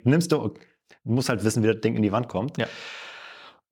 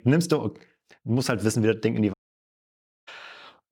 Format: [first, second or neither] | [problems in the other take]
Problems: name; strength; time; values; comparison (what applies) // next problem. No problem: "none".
first | audio cutting out; at 2 s for 1 s